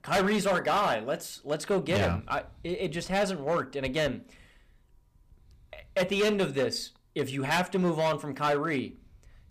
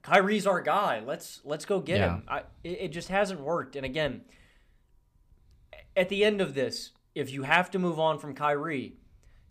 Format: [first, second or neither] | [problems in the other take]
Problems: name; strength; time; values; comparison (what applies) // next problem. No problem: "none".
second | distortion; heavy; 8% of the sound clipped